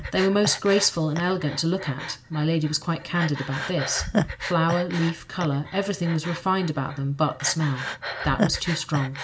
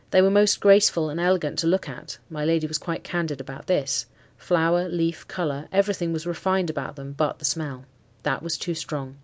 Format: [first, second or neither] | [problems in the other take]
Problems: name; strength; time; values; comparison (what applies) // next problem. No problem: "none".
second | background sound (Breathing); 7 dB below the speech // room echo; dies away in 0.4 s